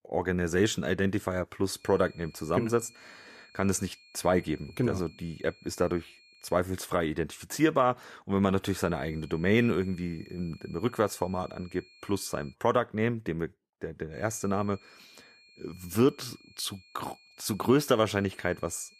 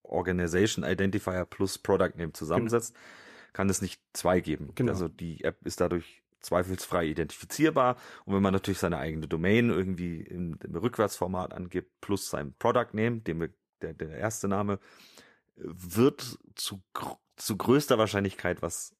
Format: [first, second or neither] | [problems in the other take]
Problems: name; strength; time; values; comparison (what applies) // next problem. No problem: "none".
second | high-pitched whine; faint; from 2 to 6.5 s, from 8.5 to 13 s and from 14 s on; 2.5 kHz, 25 dB below the speech